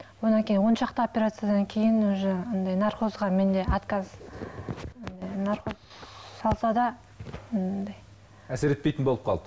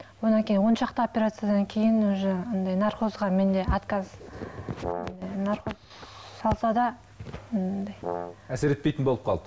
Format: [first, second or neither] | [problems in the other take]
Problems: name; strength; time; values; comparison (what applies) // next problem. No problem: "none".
first | background sound (Brass instrument); 9 dB below the speech